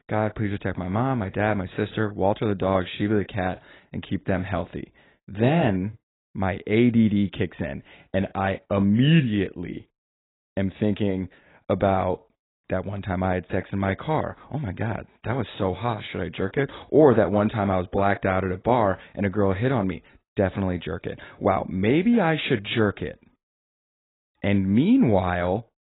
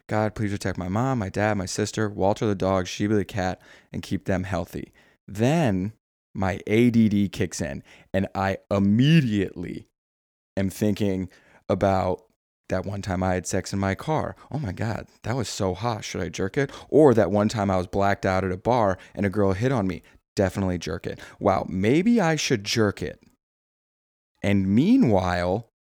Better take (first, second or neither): second